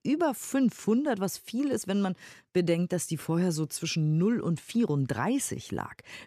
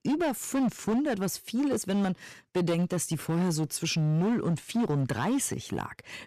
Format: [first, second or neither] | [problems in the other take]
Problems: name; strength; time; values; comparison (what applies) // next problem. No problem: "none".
first | distortion; slight; 15% of the sound clipped